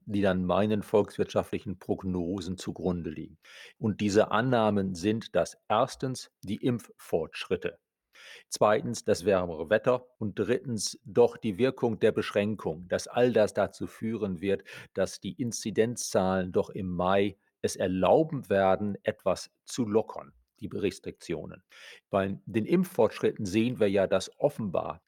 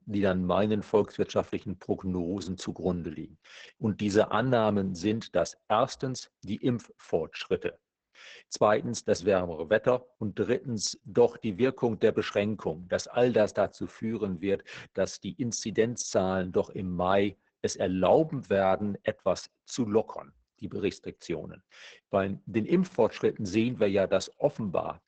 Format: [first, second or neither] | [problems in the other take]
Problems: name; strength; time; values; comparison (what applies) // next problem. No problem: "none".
first | garbled, watery; badly; nothing above 7.5 kHz